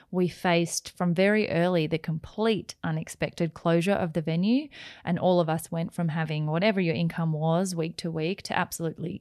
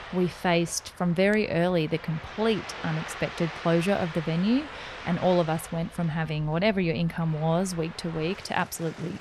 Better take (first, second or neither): first